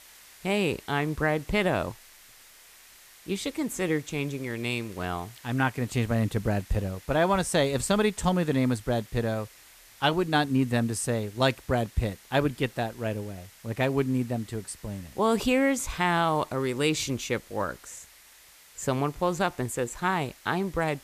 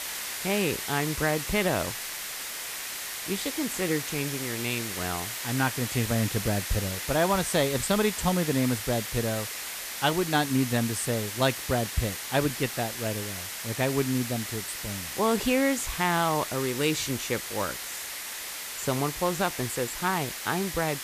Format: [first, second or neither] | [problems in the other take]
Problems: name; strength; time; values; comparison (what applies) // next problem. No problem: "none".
first | hiss; loud; throughout; 5 dB below the speech; faint in the first